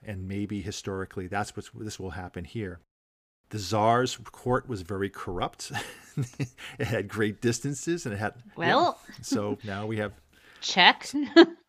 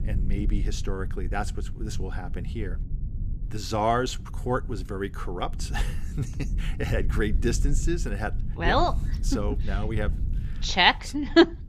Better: first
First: none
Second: low rumble; faint; throughout; 20 dB below the speech

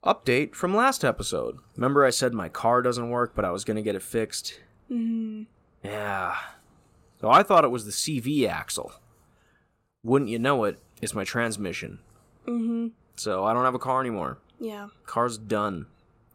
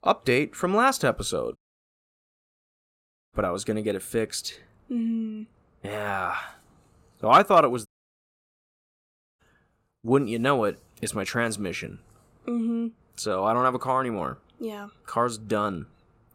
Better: first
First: none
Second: audio cutting out; at 1.5 s for 2 s and at 8 s for 1.5 s

